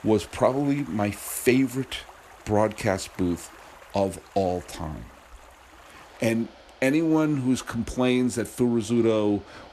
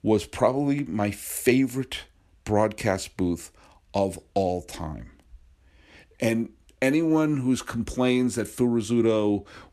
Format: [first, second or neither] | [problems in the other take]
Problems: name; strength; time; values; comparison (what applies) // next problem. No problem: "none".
second | rain or running water; faint; throughout; 25 dB below the speech